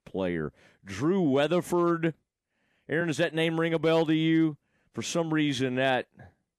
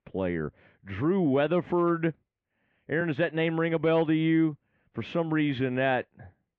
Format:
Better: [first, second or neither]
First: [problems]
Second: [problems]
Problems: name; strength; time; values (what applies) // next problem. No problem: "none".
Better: first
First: none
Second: muffled; very; fading above 3 kHz